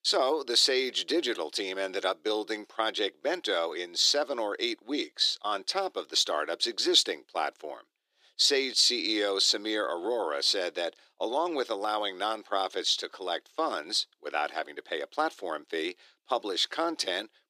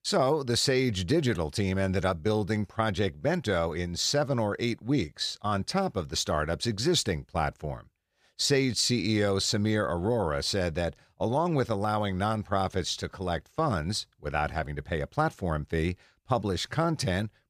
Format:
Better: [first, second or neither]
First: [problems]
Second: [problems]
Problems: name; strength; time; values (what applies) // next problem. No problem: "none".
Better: second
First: thin; very; fading below 300 Hz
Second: none